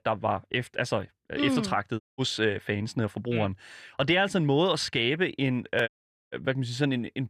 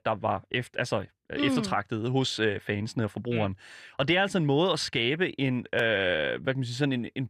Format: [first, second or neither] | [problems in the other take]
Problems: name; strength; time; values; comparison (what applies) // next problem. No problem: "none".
second | audio cutting out; at 2 s and at 6 s